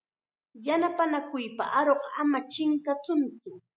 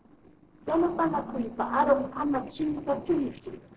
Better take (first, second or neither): first